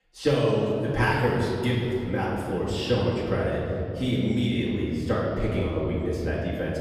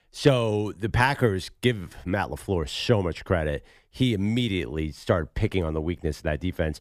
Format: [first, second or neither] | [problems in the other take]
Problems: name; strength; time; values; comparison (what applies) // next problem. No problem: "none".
second | room echo; noticeable; dies away in 2.9 s // off-mic speech; far